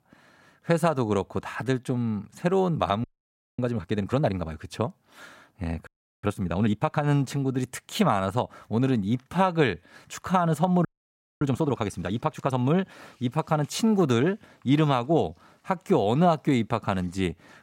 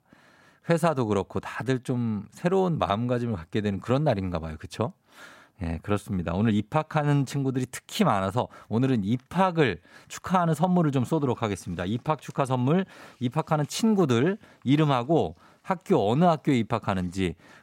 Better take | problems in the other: second | audio freezing; at 3 s for 0.5 s, at 6 s and at 11 s for 0.5 s

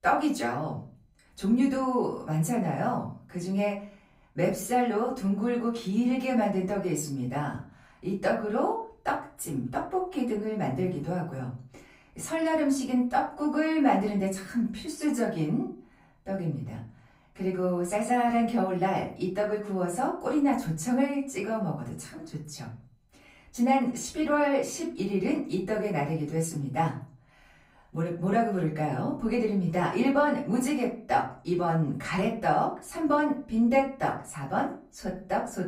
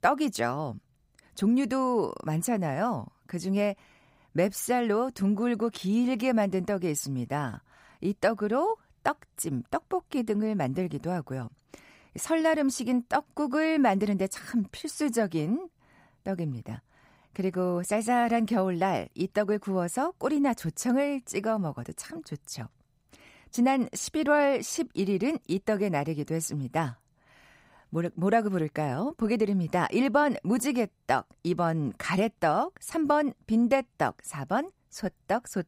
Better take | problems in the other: second | off-mic speech; far // room echo; slight; dies away in 0.4 s

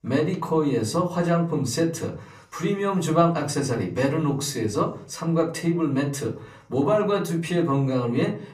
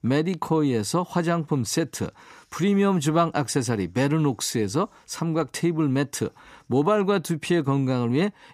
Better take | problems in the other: second | off-mic speech; far // room echo; very slight; dies away in 0.4 s

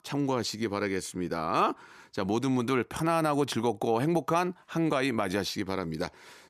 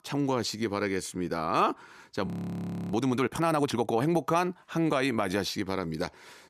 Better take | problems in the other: first | audio freezing; at 2.5 s for 0.5 s

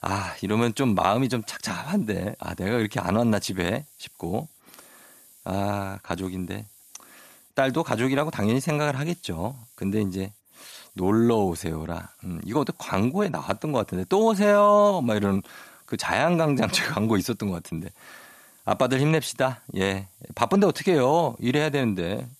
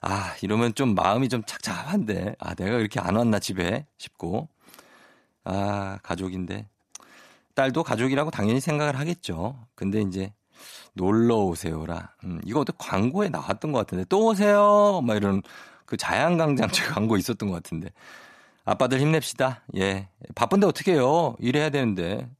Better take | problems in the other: second | hiss; faint; throughout; 25 dB below the speech

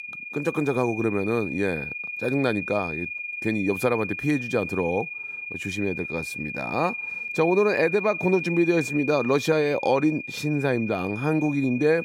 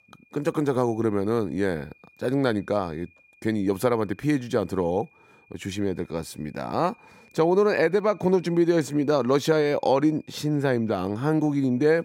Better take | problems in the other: second | high-pitched whine; loud; throughout; 2.5 kHz, 6 dB below the speech; faint in the second

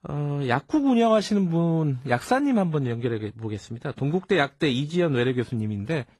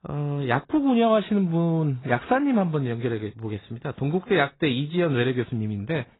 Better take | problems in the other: first | garbled, watery; badly; nothing above 4 kHz; slightly in the first

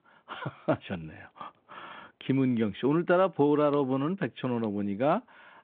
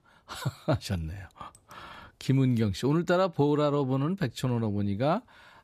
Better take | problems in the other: second | phone-call audio

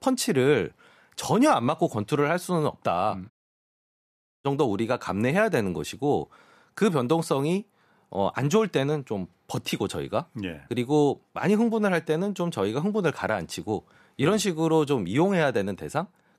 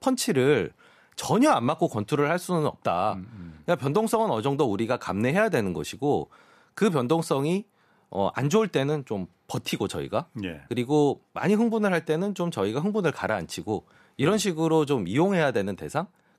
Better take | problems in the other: second | audio cutting out; at 3.5 s for 1 s

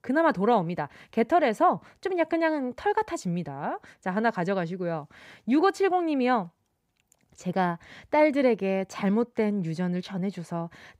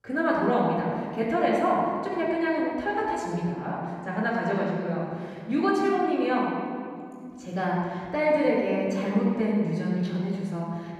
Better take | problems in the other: first | off-mic speech; far // room echo; strong; dies away in 2.1 s

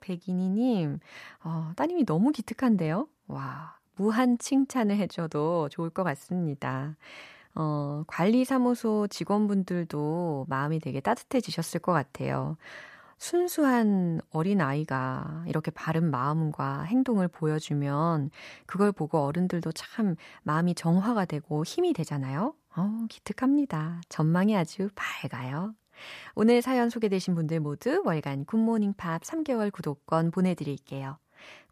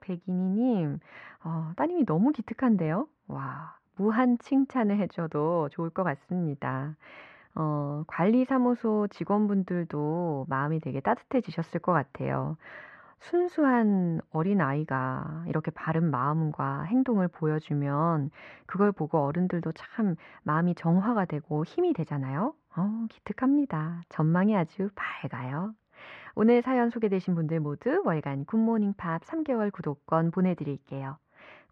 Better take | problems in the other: first | muffled; very; fading above 2 kHz

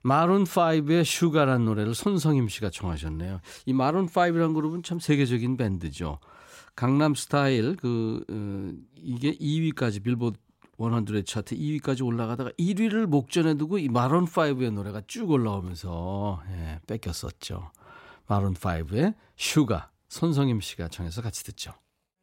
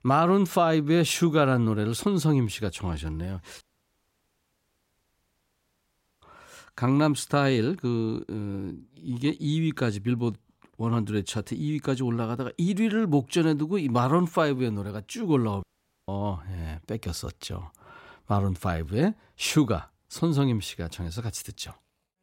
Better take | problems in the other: first | audio cutting out; at 3.5 s for 2.5 s and at 16 s

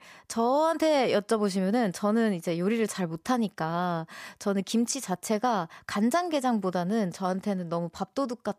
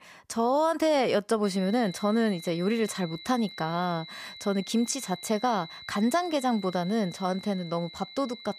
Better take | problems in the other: first | high-pitched whine; noticeable; from 1.5 s on; 4 kHz, 15 dB below the speech

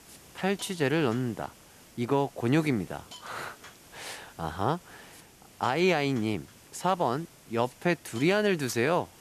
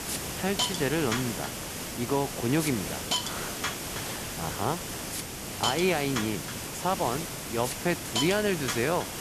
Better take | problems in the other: first | hiss; loud; throughout; 2 dB below the speech; faint in the first

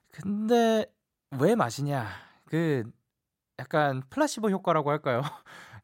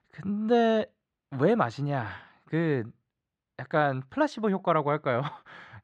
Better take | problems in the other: first | muffled; slightly; fading above 3 kHz

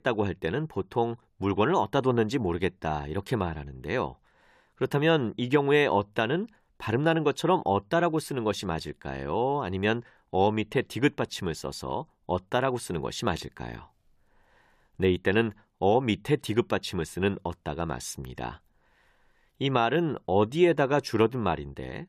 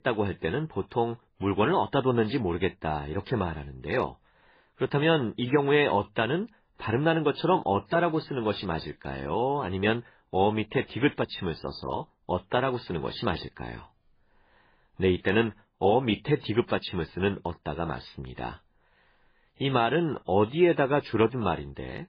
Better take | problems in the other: first | garbled, watery; badly; nothing above 5 kHz

